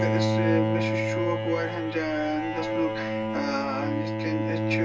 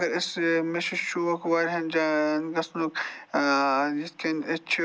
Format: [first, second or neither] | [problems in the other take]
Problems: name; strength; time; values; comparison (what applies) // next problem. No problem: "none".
second | background sound (Bowed string instrument); 3 dB above the speech // room echo; dies away in 0.2 s